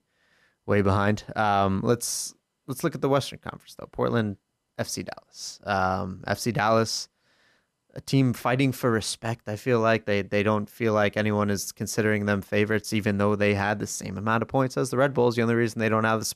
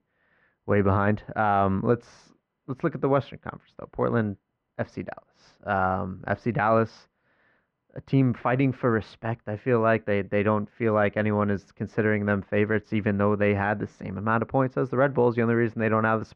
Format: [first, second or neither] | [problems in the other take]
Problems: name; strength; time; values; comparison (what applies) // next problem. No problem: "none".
first | muffled; very; fading above 2 kHz